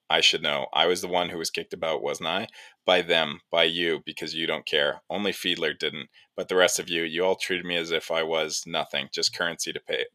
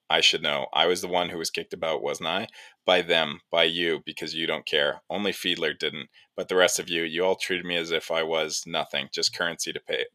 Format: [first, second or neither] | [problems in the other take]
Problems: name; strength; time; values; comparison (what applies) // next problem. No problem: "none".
neither | thin; very slightly; fading below 850 Hz; the same in both